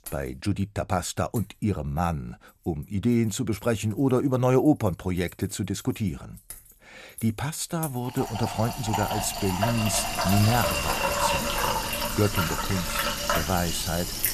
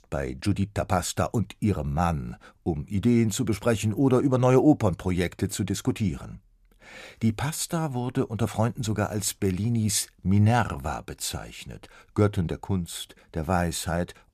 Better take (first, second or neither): second